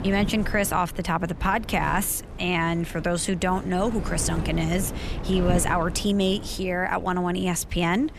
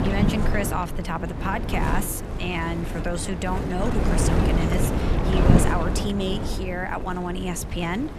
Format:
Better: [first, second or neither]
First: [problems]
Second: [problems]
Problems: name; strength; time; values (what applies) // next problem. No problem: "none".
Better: first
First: wind noise on the microphone; occasional gusts; 15 dB below the speech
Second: wind noise on the microphone; heavy; 2 dB below the speech